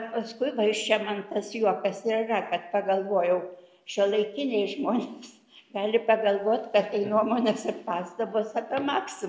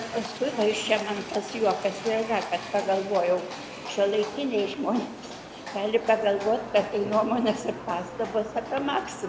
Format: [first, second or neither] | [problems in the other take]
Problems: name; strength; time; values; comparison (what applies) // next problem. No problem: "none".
first | background sound (Livestock, farm animals, working animals); 11 dB below the speech